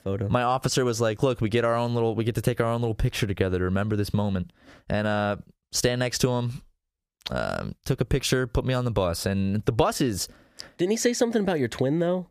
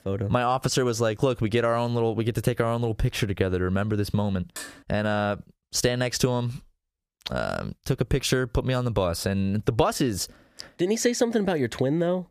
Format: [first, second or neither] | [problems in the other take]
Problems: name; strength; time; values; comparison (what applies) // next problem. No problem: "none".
first | clattering dishes; faint; at 4.5 s; peak 15 dB below the speech